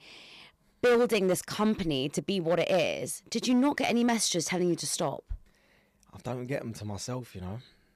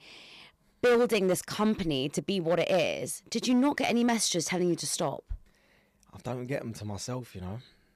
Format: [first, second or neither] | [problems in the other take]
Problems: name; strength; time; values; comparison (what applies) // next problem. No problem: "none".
neither | distortion; heavy; 4% of the sound clipped; the same in both